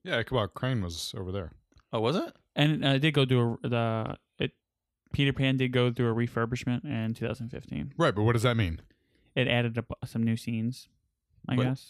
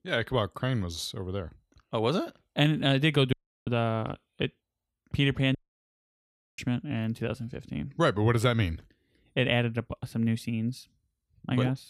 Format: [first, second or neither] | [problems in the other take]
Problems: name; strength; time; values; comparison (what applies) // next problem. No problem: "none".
first | audio cutting out; at 3.5 s and at 5.5 s for 1 s